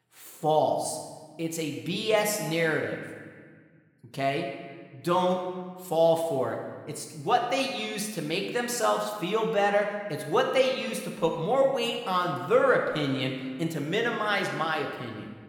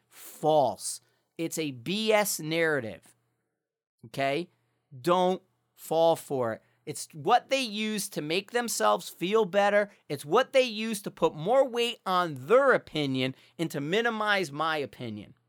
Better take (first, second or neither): second